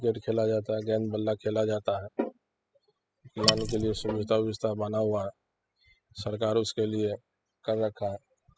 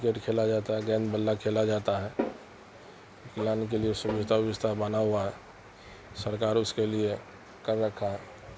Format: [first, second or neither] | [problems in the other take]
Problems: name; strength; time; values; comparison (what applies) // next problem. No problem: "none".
second | noise reduction (classical method spectral subtraction)